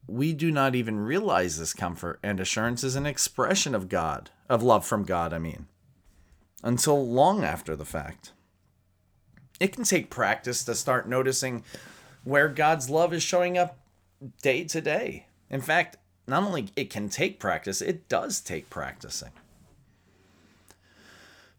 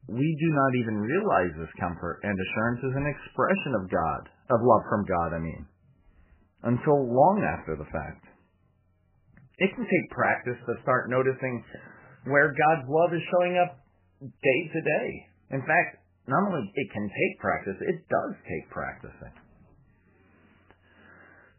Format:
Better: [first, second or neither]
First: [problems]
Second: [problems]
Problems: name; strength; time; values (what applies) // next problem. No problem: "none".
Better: first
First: none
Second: garbled, watery; badly; nothing above 3 kHz